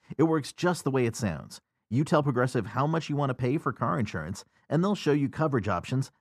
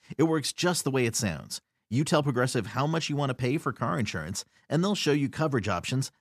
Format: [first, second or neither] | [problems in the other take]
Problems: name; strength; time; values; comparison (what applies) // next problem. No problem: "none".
second | muffled; slightly; fading above 2 kHz